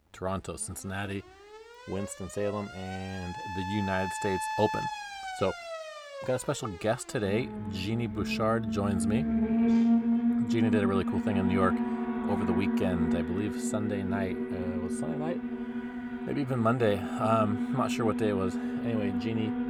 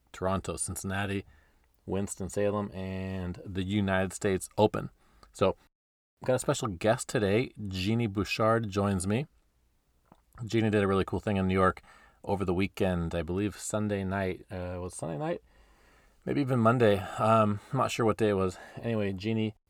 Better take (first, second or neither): second